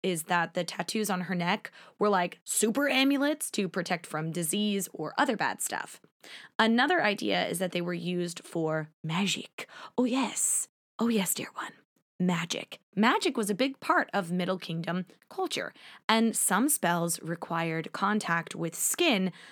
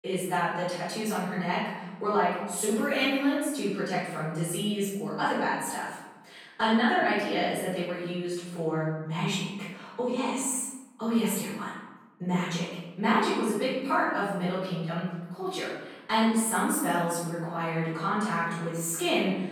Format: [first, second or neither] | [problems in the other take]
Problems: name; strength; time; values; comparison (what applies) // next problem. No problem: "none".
first | off-mic speech; far // room echo; strong; dies away in 1 s